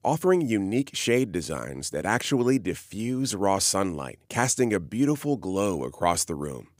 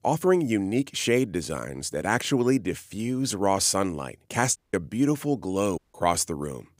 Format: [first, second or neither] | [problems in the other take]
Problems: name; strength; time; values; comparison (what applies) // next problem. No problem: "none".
first | audio cutting out; at 4.5 s and at 6 s